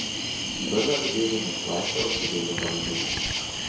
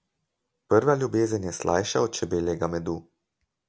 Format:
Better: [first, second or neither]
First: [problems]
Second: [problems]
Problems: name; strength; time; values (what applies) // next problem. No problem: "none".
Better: second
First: background sound (Cricket); 2 dB above the speech // room echo; dies away in 0.7 s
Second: none